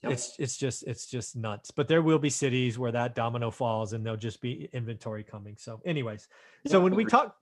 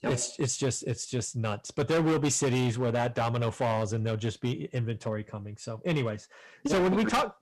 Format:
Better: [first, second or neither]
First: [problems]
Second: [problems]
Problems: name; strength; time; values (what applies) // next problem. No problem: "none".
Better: first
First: none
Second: distortion; heavy; 11% of the sound clipped